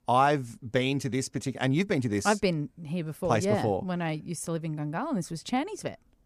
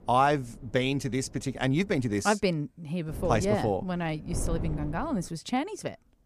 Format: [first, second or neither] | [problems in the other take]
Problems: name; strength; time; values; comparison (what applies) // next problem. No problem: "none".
first | wind noise on the microphone; occasional gusts; until 2 s and from 3 to 5.5 s; 20 dB below the speech